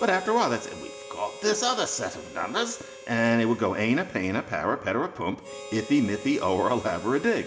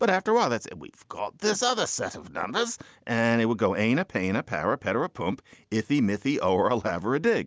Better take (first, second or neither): second